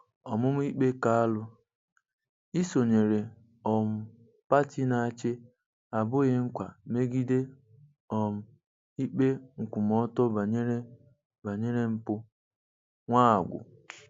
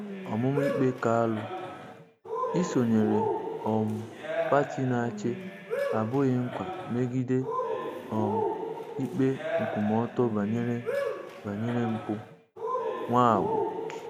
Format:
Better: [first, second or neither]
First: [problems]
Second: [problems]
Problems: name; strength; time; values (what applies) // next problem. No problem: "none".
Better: first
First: none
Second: background sound (Cheering); 4 dB below the speech